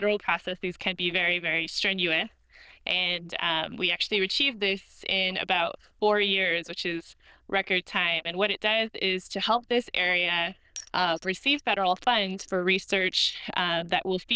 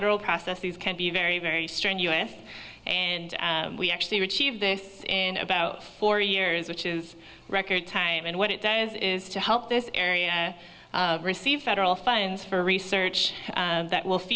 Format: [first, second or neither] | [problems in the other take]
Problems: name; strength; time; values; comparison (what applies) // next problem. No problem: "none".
second | noise reduction (neural diffusion model UNIVERSE++)